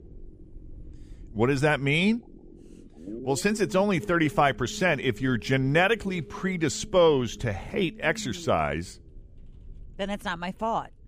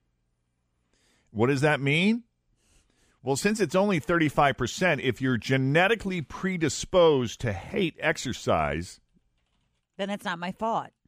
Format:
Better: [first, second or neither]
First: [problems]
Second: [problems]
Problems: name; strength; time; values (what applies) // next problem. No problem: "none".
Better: second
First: low rumble; faint; throughout; 20 dB below the speech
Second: none